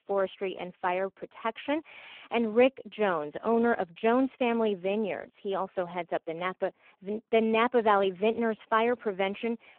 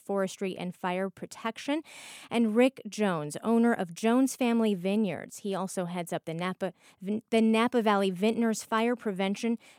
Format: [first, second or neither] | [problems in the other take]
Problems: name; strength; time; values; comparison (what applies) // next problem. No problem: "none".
second | phone-call audio; poor line